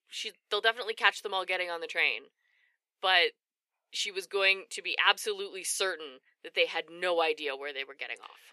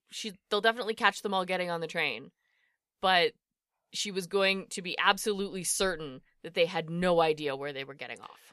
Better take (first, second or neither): second